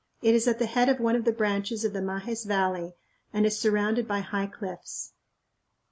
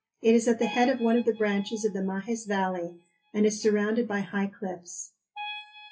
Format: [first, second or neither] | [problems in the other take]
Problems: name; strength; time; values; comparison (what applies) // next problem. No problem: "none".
first | noise reduction (classical method WPE with log-MMSE)